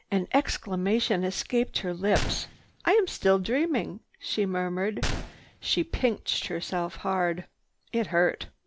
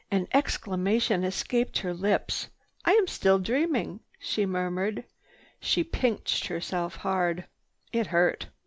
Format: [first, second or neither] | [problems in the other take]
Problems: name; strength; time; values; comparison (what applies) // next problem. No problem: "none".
second | background sound (Gunshot, gunfire); 9 dB below the speech